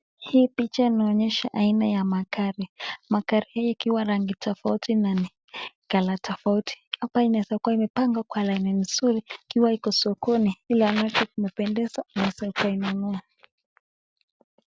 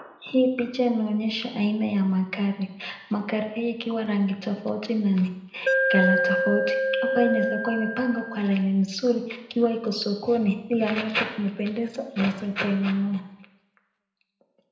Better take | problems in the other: first | background sound (Alarm); as loud as the speech // room echo; dies away in 0.7 s

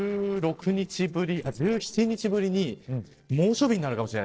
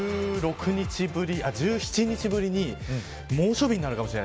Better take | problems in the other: second | noise reduction (neural separator model SepFormer DNS4)

